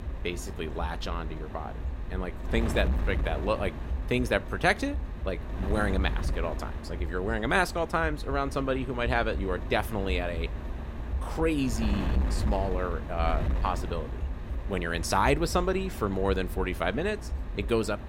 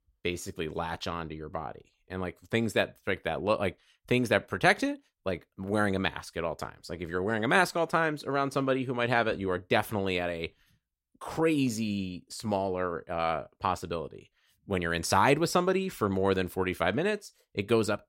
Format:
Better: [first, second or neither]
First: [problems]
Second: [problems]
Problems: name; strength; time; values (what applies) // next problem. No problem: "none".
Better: second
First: wind noise on the microphone; occasional gusts; 15 dB below the speech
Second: none